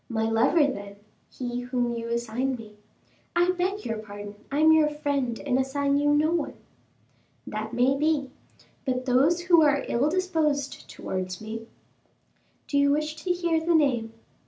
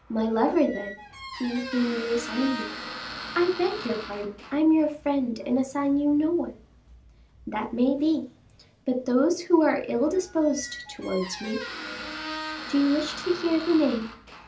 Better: first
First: none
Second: background sound (Squeak); 13 dB below the speech

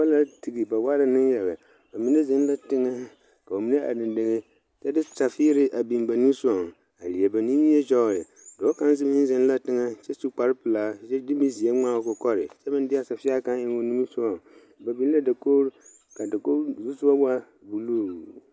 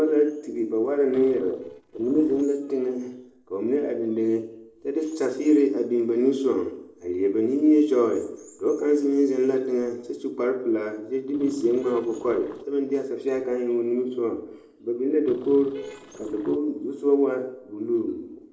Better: first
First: none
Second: noise reduction (neural separator model SepFormer DNS4)

